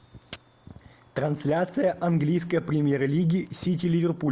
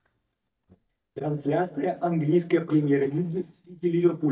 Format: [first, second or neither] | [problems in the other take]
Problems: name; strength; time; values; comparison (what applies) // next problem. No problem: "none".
first | noise reduction (neural mask model DeepFilterNet 3)